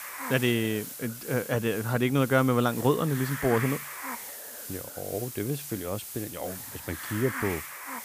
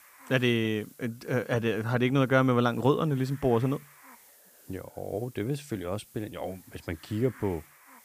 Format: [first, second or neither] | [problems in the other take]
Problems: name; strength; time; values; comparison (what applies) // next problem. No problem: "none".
second | hiss; loud; throughout; 8 dB below the speech; faint in the second